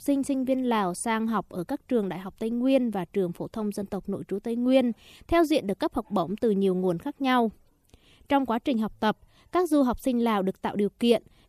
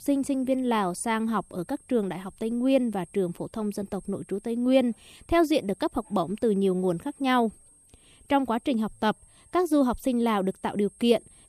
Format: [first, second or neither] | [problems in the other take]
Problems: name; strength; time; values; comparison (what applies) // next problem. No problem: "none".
first | high-pitched whine; faint; throughout; 8.5 kHz, 25 dB below the speech